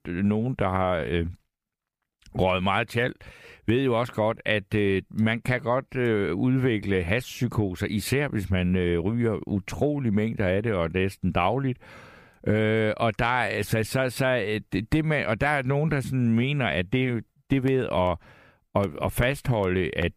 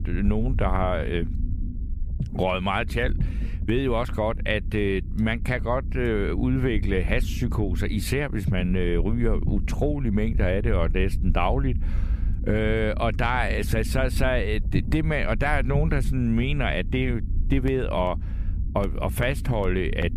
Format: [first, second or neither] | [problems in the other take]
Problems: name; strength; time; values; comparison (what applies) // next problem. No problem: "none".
first | low rumble; noticeable; throughout; 15 dB below the speech